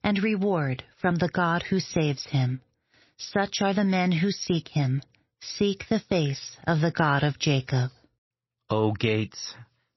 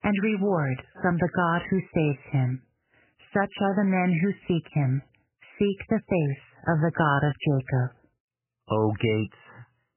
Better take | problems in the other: first | garbled, watery; badly; nothing above 3 kHz; slightly in the first

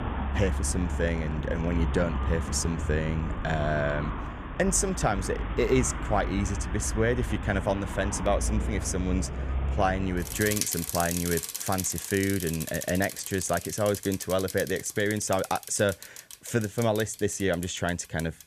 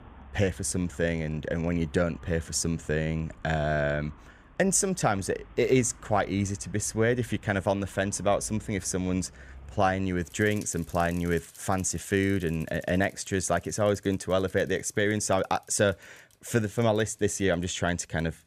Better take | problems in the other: second | traffic noise; loud; throughout; 5 dB below the speech; faint in the second

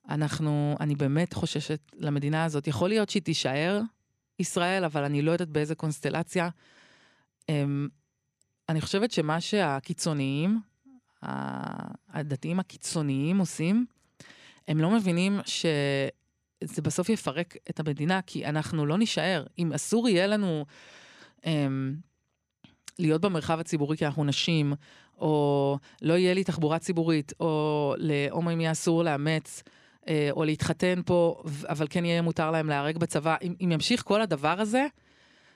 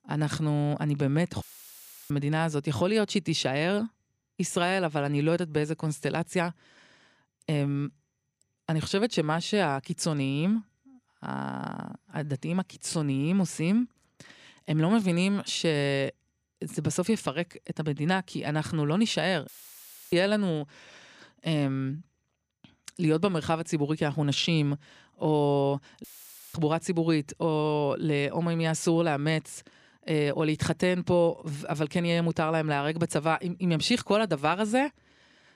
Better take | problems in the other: first | audio cutting out; filled with static; at 1.5 s for 0.5 s, at 19 s for 0.5 s and at 26 s for 0.5 s

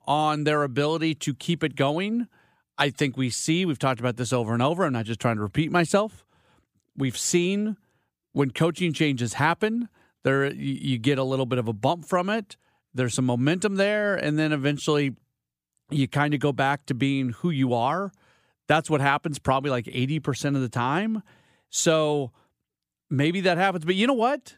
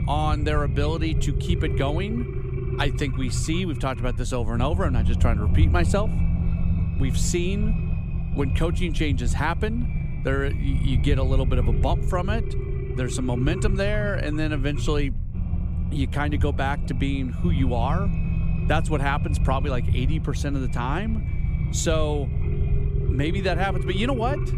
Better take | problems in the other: first | low rumble; loud; throughout; 10 dB below the speech

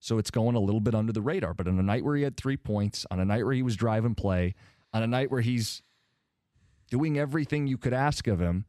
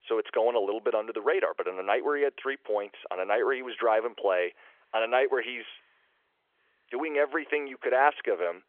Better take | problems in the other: first | phone-call audio; nothing above 3.5 kHz

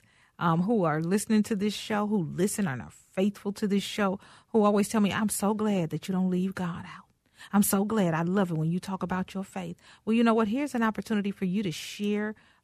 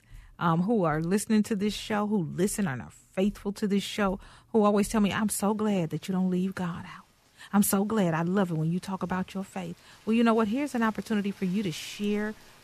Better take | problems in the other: first | rain or running water; faint; throughout; 30 dB below the speech

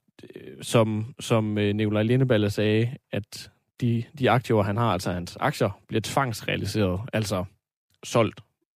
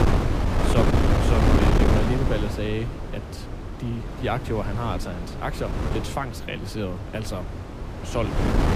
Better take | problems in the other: first | wind noise on the microphone; heavy; 2 dB above the speech

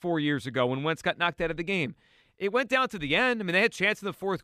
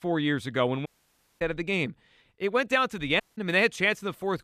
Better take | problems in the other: first | audio cutting out; at 1 s for 0.5 s and at 3 s

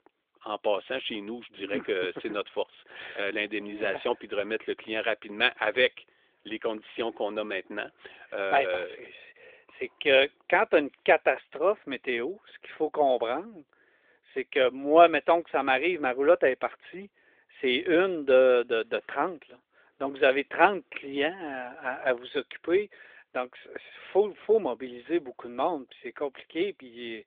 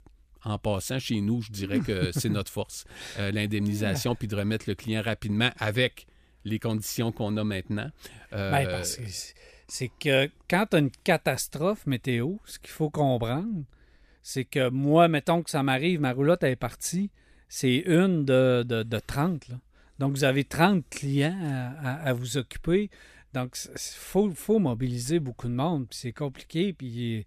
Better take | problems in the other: second | phone-call audio; nothing above 3.5 kHz

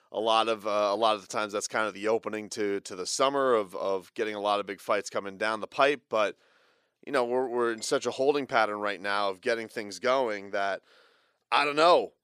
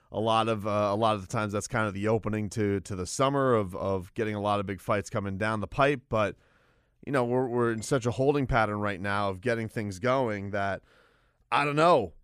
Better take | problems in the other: second | thin; somewhat; fading below 400 Hz

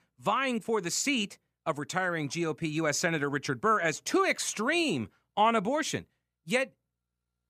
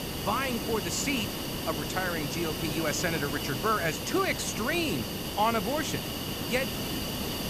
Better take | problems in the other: first | hiss; loud; throughout; 2 dB below the speech

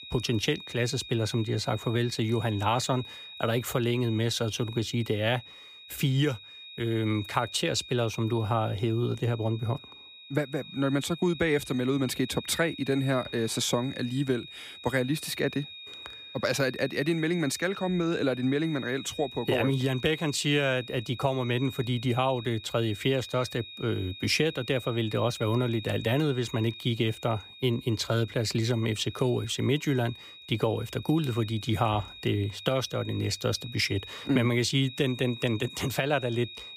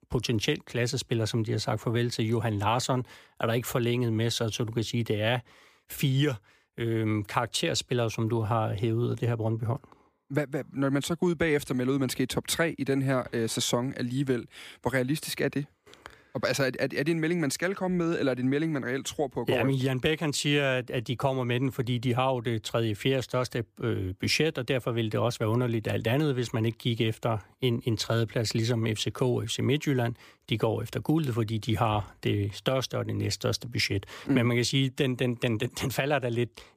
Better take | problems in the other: second | high-pitched whine; noticeable; throughout; 4 kHz, 15 dB below the speech

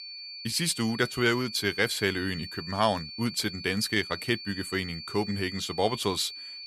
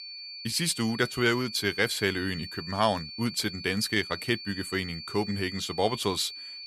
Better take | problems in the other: neither | high-pitched whine; loud; throughout; 4.5 kHz, 10 dB below the speech; the same in both

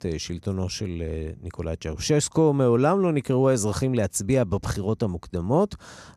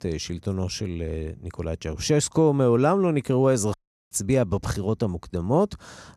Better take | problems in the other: first | audio cutting out; at 3.5 s

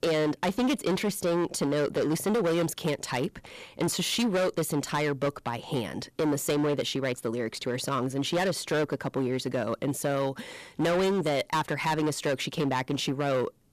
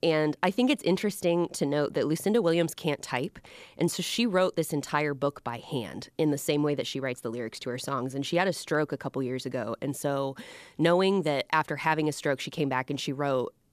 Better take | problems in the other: second | distortion; heavy; 15% of the sound clipped

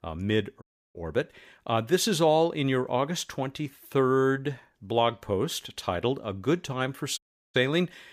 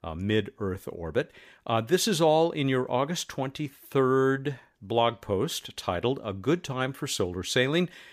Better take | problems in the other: second | audio cutting out; at 0.5 s and at 7 s

